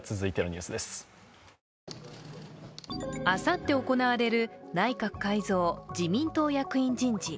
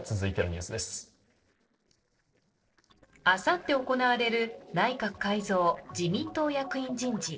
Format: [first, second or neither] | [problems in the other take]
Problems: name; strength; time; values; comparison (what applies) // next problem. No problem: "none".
first | noise reduction (neural separator model SepFormer DNS4)